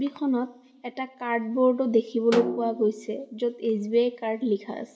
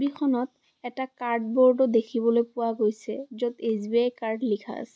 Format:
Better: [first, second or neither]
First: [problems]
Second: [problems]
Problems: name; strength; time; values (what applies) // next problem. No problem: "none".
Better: second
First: background sound (Snare drum); 10 dB below the speech // room echo; dies away in 0.6 s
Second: none